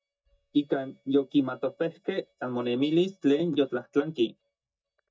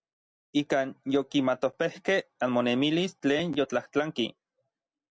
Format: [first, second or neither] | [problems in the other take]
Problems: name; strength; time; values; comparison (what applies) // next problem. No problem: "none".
second | noise reduction (neural mask model DeepFilterNet 3)